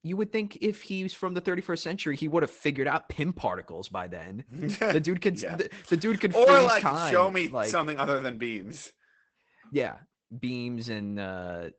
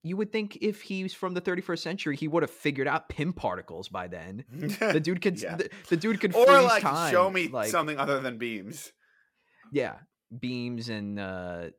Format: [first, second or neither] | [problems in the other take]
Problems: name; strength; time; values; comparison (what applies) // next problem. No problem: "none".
second | garbled, watery; badly; nothing above 8 kHz